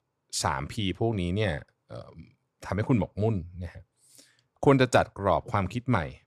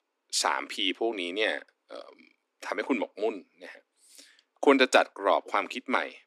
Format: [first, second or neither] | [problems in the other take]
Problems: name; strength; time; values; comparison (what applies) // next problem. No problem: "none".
first | thin; somewhat; fading below 250 Hz